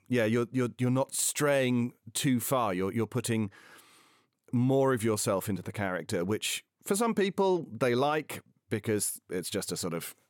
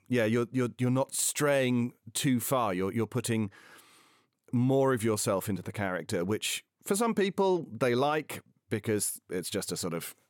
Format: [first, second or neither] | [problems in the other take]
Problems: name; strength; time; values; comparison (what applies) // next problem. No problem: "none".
neither | none